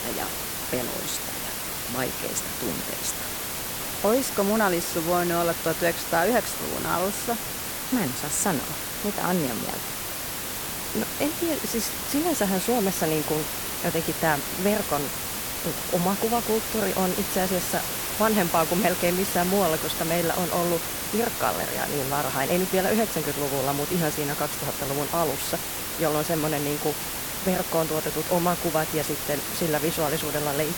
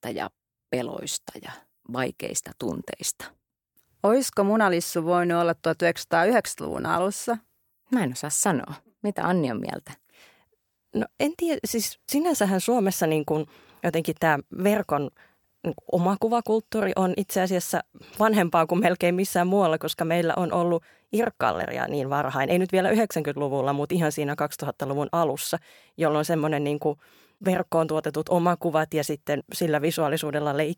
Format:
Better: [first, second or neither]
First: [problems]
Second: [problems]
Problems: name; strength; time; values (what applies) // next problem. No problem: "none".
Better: second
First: hiss; loud; throughout; 2 dB below the speech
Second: none